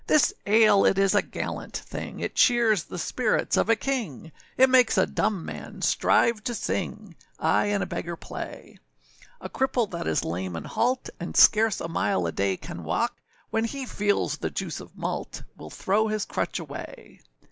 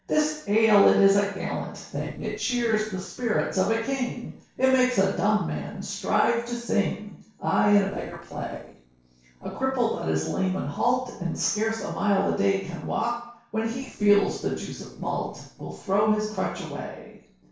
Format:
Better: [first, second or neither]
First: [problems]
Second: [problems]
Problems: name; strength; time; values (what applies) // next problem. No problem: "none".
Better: first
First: none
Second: noise reduction (neural separator model SepFormer DNS4)